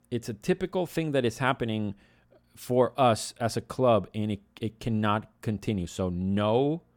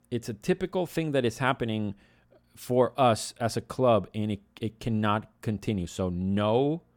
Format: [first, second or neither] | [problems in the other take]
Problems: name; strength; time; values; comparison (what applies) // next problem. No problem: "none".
neither | none